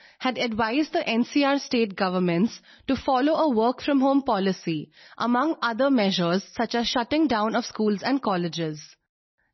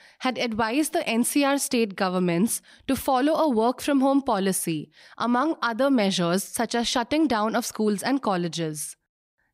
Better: second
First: garbled, watery; slightly; nothing above 6 kHz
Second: none

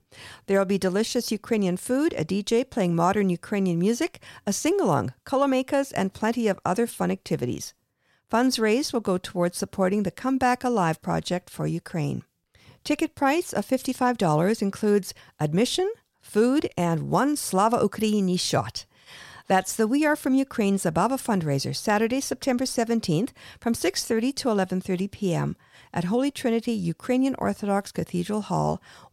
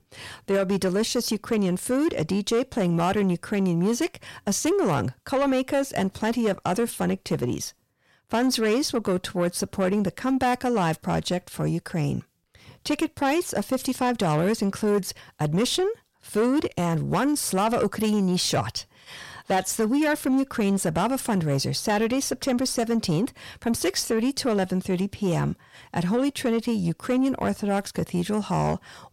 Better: first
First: none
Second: distortion; slight; 10 dB below the speech

